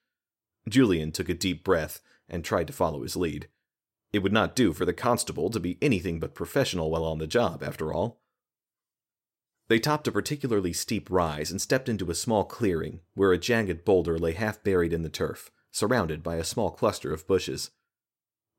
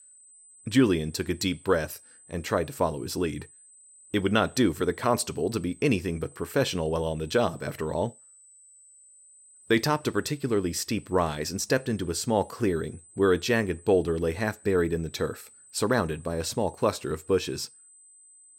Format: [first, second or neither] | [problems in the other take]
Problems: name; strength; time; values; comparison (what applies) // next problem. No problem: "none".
first | high-pitched whine; faint; throughout; 8 kHz, 25 dB below the speech